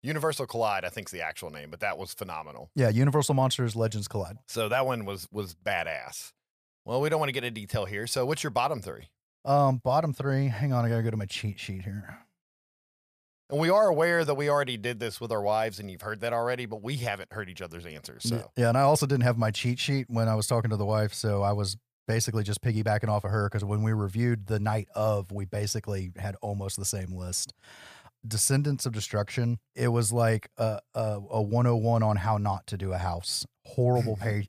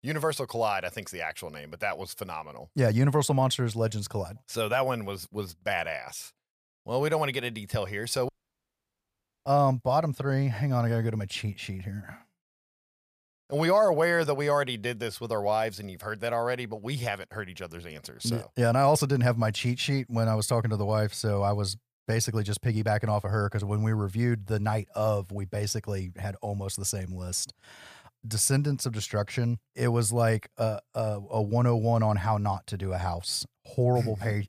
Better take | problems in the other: first | audio cutting out; at 8.5 s for 1 s

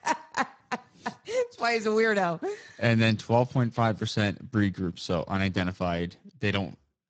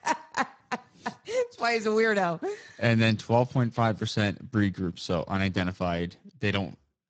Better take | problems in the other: neither | garbled, watery; badly; nothing above 7.5 kHz; the same in both

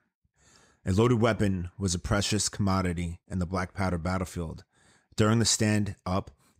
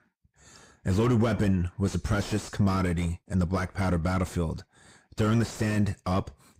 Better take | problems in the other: first | distortion; heavy; 5 dB below the speech

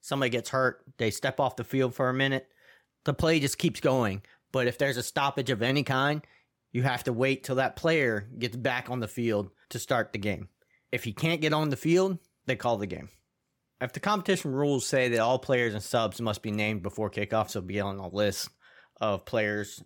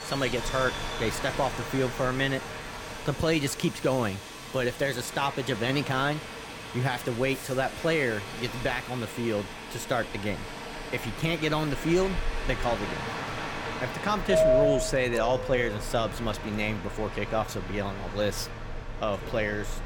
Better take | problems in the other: first | train or aircraft noise; loud; throughout; 5 dB below the speech

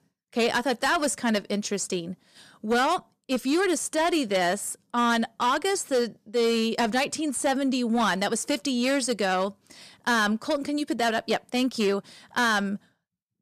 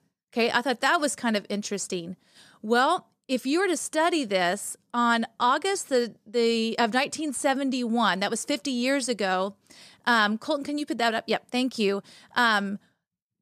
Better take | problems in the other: second | distortion; slight; 7% of the sound clipped

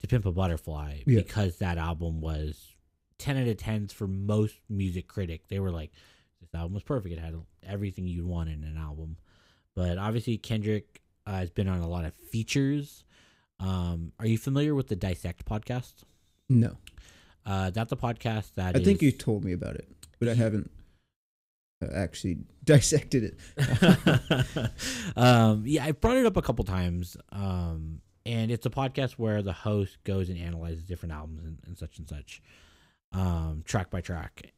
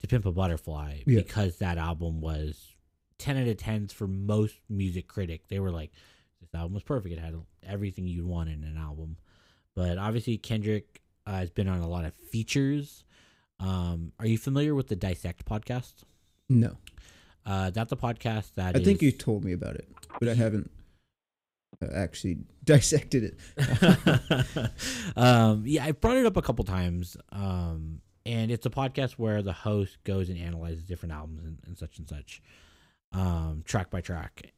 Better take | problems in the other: first | phone ringing; faint; from 20 to 22 s; peak 15 dB below the speech

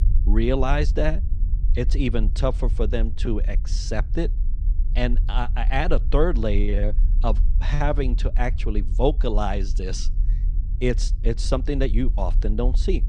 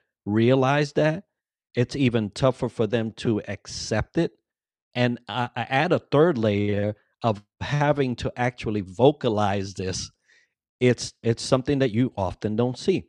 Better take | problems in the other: second | low rumble; noticeable; throughout; 20 dB below the speech

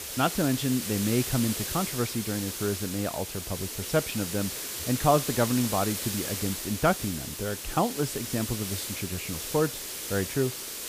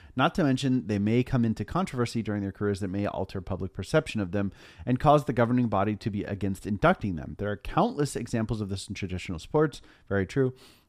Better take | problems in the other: second | hiss; loud; throughout; 3 dB below the speech

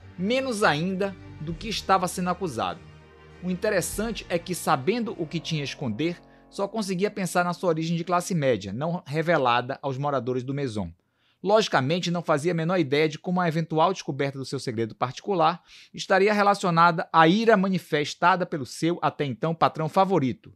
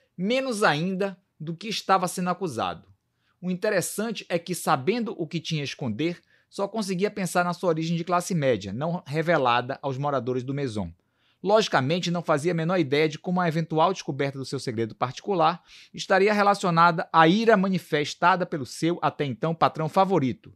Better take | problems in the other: second | background music; faint; until 8.5 s; 25 dB below the speech

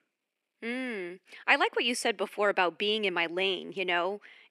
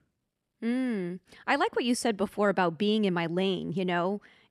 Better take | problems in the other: second | thin; somewhat; fading below 300 Hz

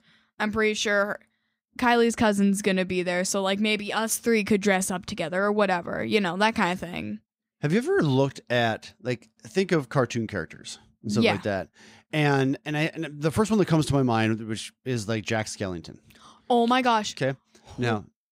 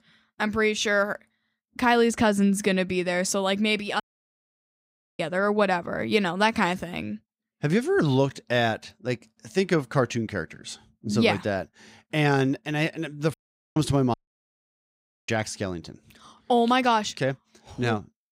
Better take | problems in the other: first | audio cutting out; at 4 s for 1 s, at 13 s and at 14 s for 1 s

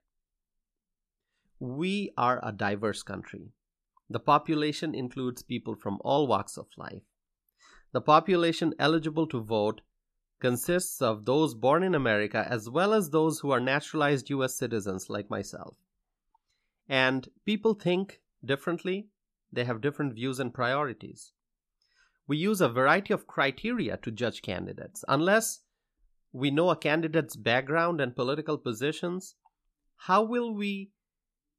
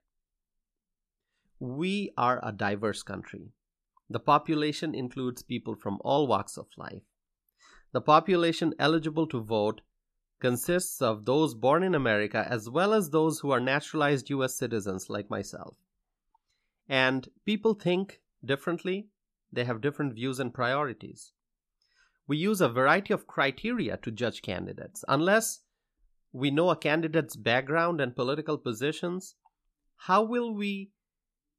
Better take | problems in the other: neither | none

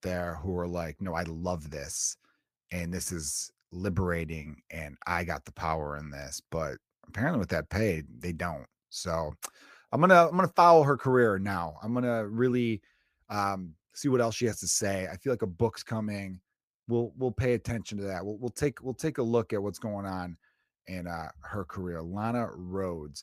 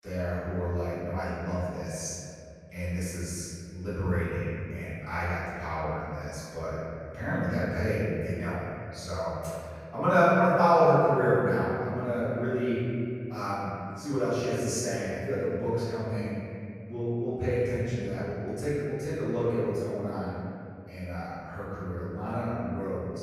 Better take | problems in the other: first | room echo; strong; dies away in 2.5 s // off-mic speech; far

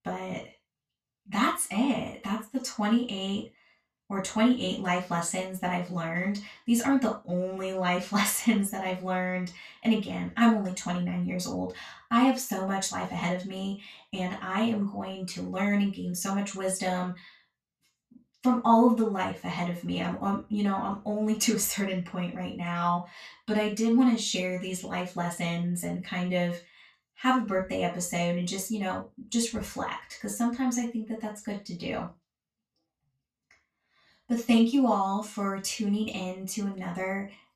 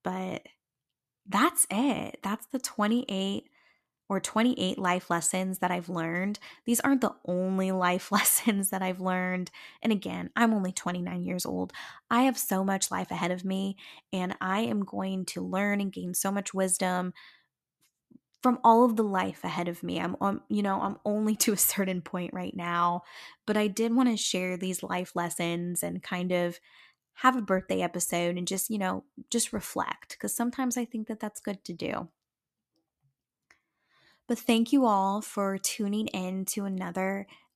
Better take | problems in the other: second | room echo; noticeable; dies away in 0.2 s // off-mic speech; far

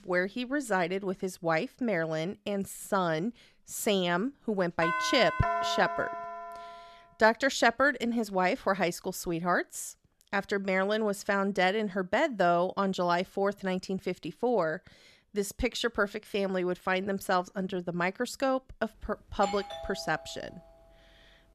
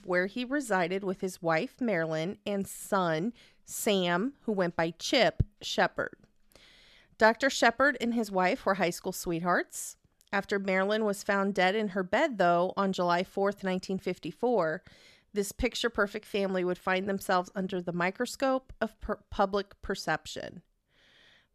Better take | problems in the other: second | doorbell; noticeable; from 5 to 7 s and from 19 to 21 s; peak level with the speech

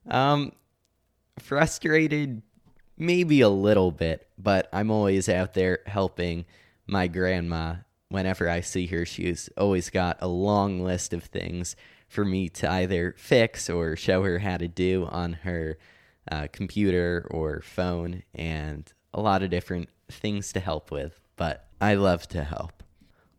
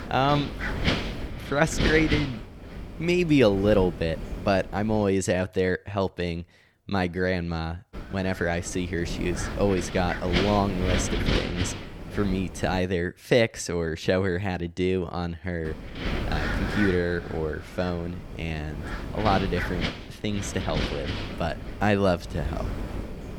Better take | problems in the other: first | wind noise on the microphone; heavy; until 5 s, from 8 to 13 s and from 16 s on; 5 dB below the speech

